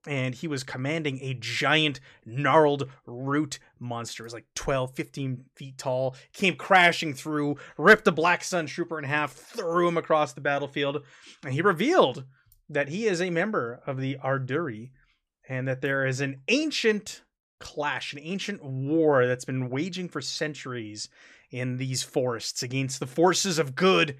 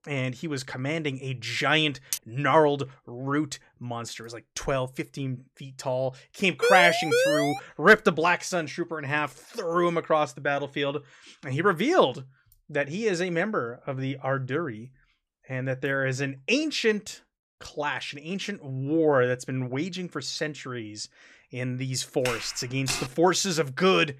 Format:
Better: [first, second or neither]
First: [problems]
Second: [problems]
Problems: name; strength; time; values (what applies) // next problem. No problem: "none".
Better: first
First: none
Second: clattering dishes; noticeable; at 2 s; peak 6 dB below the speech // siren; loud; at 6.5 s; peak 3 dB above the speech // footsteps; noticeable; at 22 s; peak 4 dB below the speech